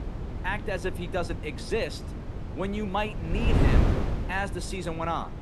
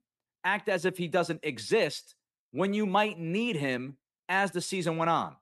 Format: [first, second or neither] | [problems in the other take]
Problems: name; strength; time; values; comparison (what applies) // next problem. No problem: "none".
second | wind noise on the microphone; heavy; 6 dB below the speech